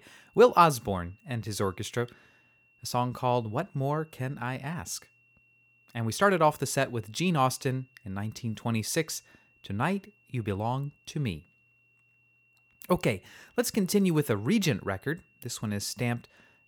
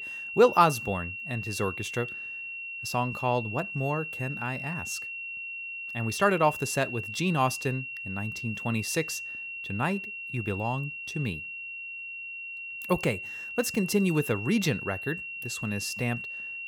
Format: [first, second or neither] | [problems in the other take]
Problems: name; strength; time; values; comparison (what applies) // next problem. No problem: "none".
first | high-pitched whine; loud; throughout; 2.5 kHz, 6 dB below the speech; faint in the first